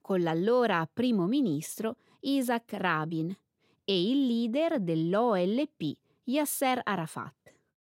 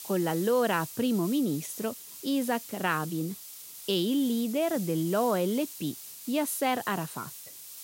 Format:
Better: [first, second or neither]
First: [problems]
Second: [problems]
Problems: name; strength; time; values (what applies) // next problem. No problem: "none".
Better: first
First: none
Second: hiss; noticeable; throughout; 10 dB below the speech